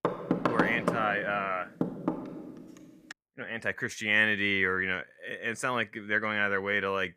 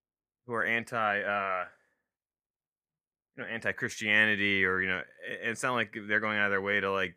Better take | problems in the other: second | door banging; loud; until 3 s; peak 1 dB above the speech

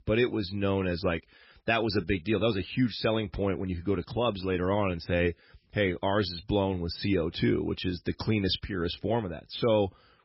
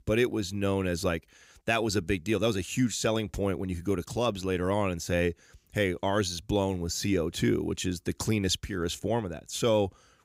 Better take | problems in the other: second | garbled, watery; badly; nothing above 5.5 kHz

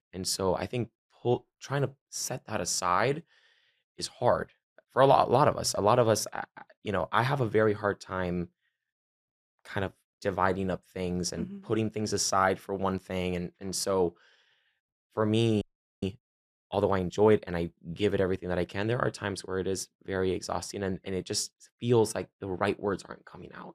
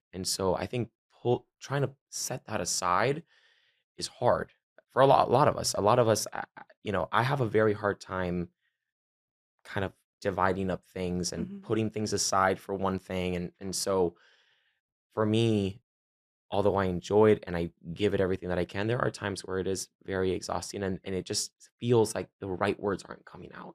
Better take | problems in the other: second | audio freezing; at 16 s

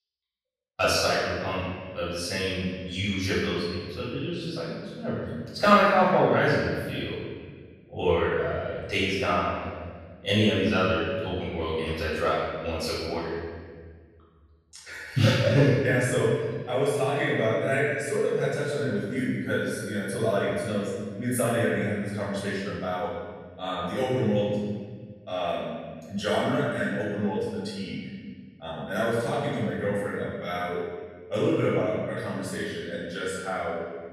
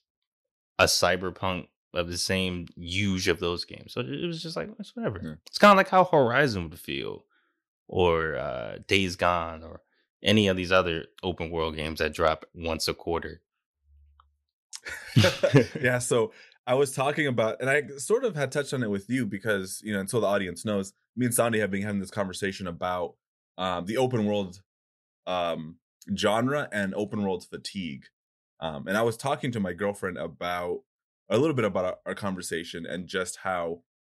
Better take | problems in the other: second | room echo; strong; dies away in 1.7 s // off-mic speech; far

